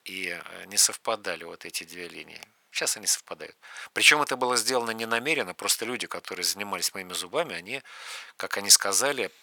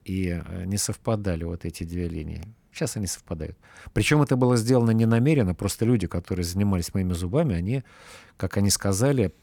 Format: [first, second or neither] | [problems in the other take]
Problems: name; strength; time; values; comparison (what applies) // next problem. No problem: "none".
second | thin; very; fading below 900 Hz